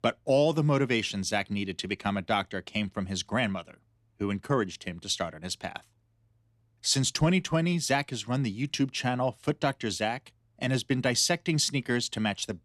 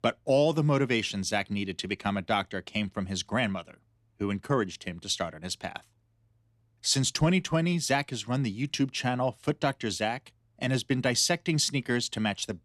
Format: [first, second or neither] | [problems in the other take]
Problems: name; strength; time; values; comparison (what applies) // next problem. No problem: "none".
neither | none